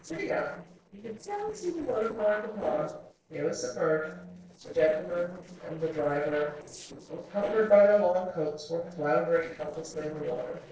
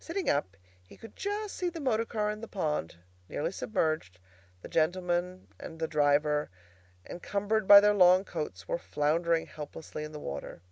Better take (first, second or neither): second